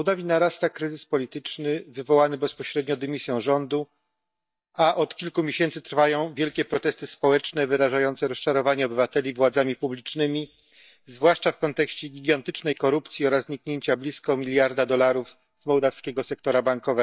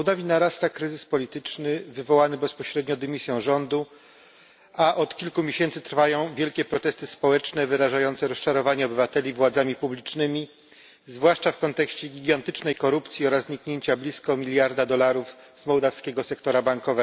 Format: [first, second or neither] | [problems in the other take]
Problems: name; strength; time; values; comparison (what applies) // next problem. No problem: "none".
second | noise reduction (neural mask model DeepFilterNet 3)